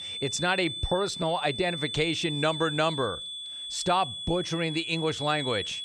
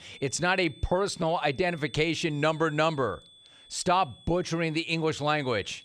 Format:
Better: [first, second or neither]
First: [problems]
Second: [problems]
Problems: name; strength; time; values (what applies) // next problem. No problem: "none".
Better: second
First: high-pitched whine; loud; throughout; 3.5 kHz, 5 dB below the speech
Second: high-pitched whine; faint; throughout; 3.5 kHz, 25 dB below the speech